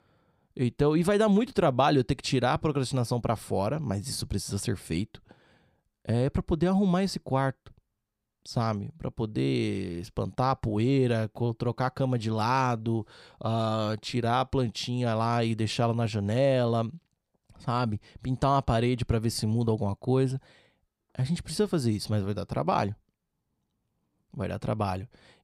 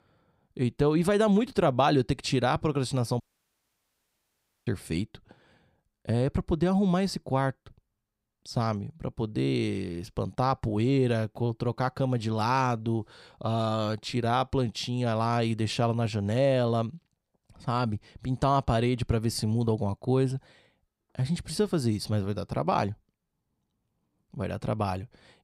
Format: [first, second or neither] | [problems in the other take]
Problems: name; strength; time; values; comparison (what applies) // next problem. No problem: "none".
first | audio cutting out; at 3 s for 1.5 s